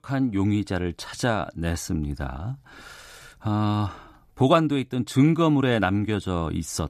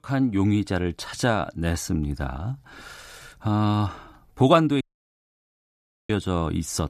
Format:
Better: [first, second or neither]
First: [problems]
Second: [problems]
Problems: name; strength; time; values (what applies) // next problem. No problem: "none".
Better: first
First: none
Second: audio cutting out; at 5 s for 1.5 s